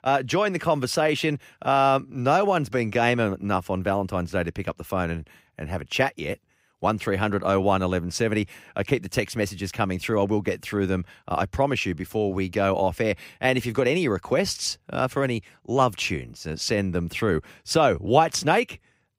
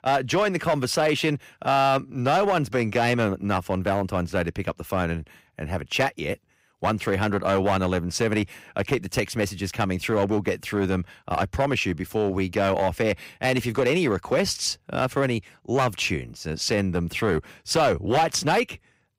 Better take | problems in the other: first | distortion; slight; 5% of the sound clipped

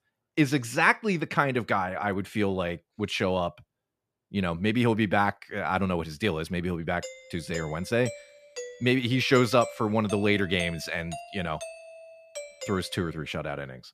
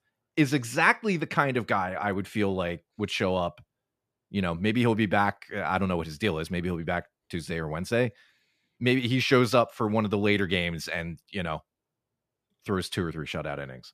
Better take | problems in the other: second | doorbell; faint; from 7 to 13 s; peak 10 dB below the speech

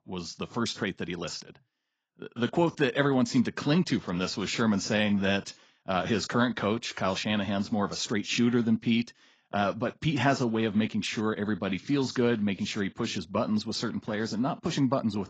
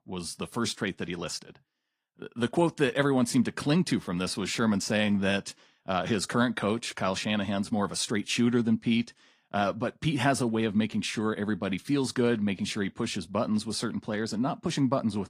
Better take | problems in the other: second | garbled, watery; badly; nothing above 7.5 kHz; slightly in the second

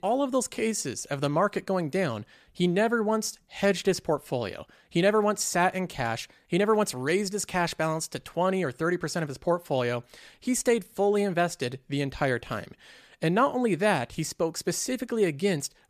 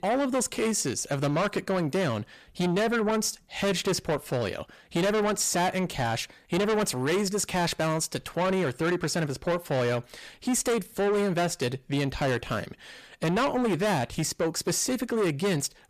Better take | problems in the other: first | distortion; heavy; 7 dB below the speech

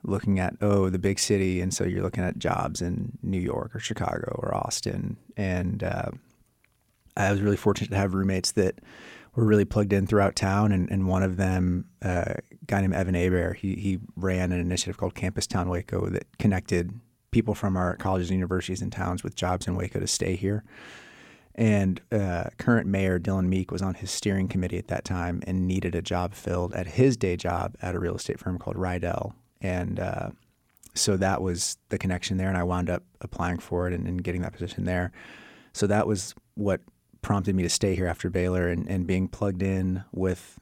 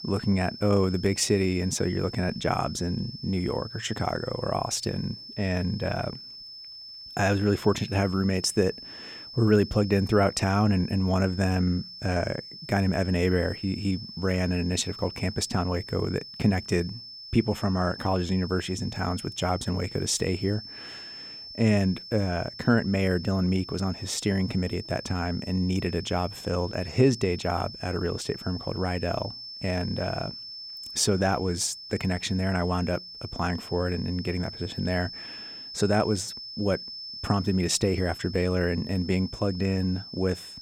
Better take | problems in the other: first | high-pitched whine; noticeable; throughout; 5.5 kHz, 10 dB below the speech

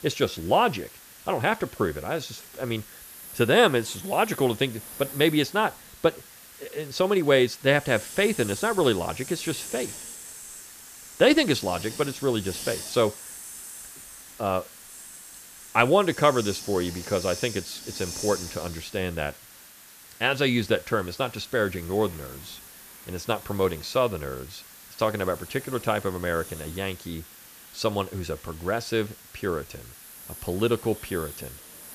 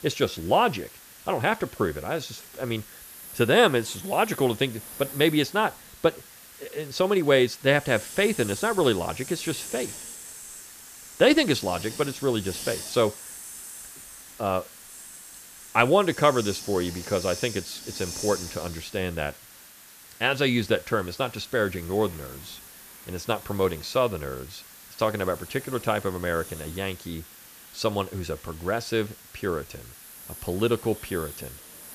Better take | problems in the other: neither | hiss; noticeable; throughout; 15 dB below the speech; the same in both

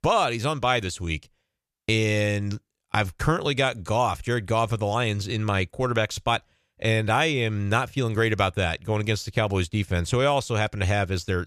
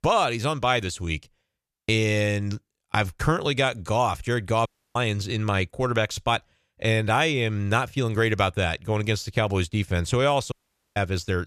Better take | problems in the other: first | audio cutting out; at 4.5 s and at 11 s

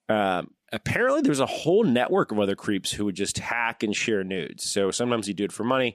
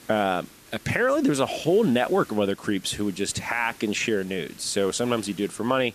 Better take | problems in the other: first | hiss; faint; throughout; 20 dB below the speech

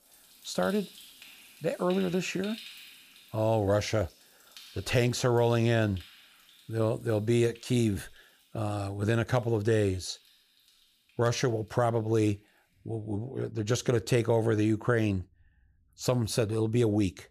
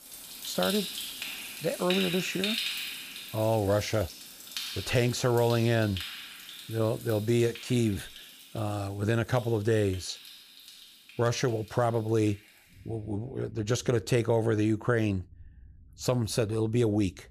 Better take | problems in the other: first | rain or running water; loud; throughout; 8 dB below the speech; faint in the first

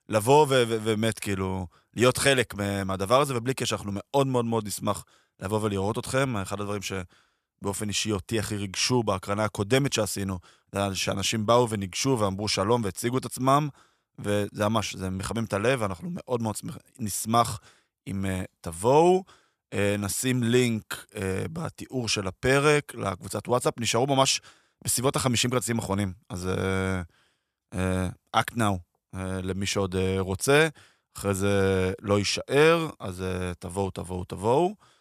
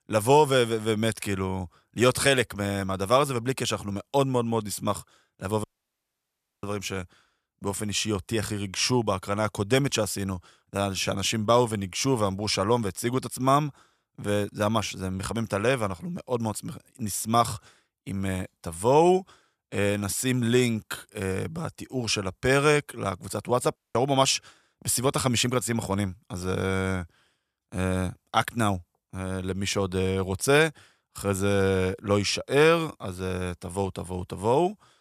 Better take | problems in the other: first | audio cutting out; at 5.5 s for 1 s and at 24 s

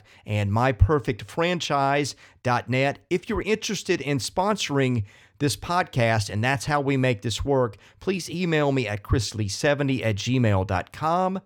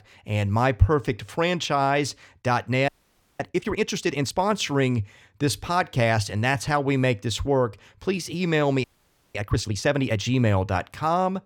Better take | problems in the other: first | audio freezing; at 3 s for 0.5 s and at 9 s for 0.5 s

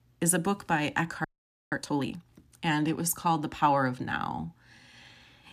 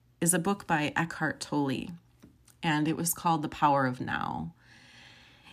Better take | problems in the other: second | audio freezing; at 1 s

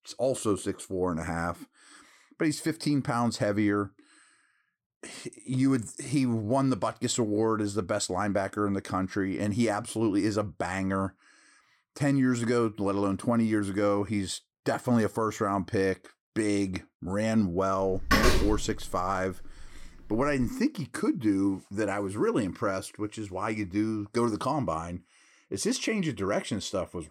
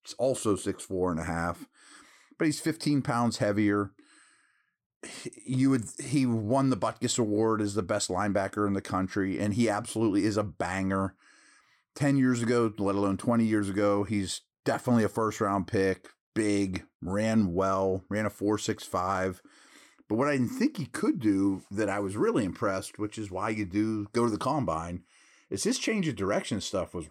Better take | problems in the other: second | door banging; loud; from 18 to 20 s; peak 5 dB above the speech

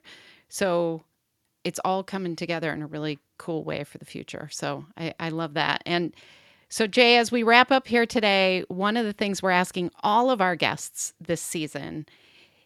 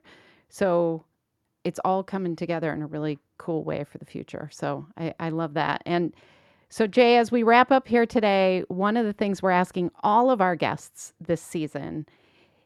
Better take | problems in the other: first | muffled; slightly; fading above 2 kHz

